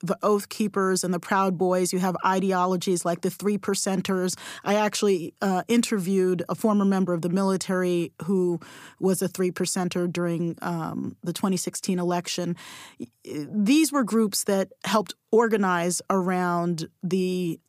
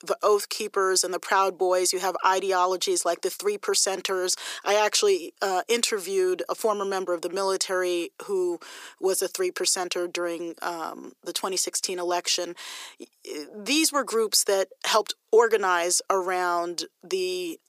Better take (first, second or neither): first